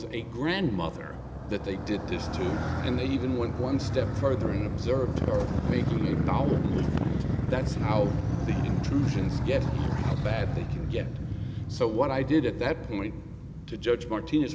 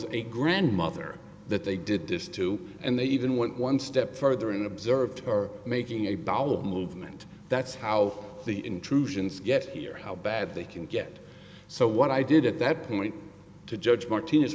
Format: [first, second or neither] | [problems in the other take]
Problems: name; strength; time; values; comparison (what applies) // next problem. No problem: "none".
second | background sound (Motorcycle); 1 dB above the speech